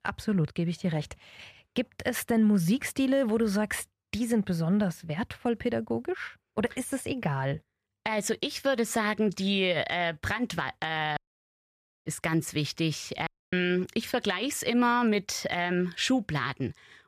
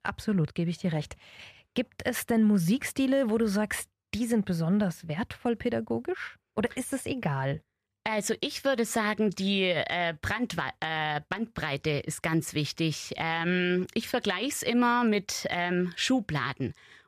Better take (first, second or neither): second